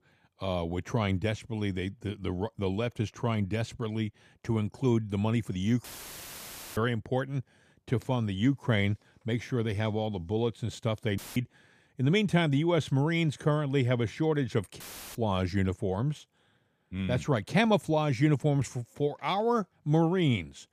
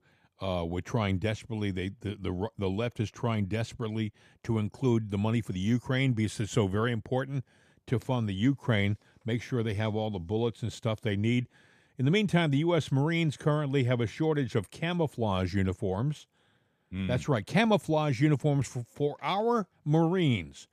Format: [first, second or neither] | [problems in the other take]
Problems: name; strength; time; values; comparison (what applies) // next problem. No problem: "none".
second | audio cutting out; filled with static; at 6 s for 1 s, at 11 s and at 15 s